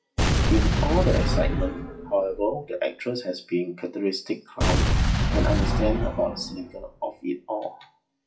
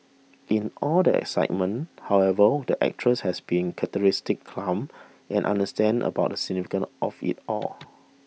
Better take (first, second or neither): second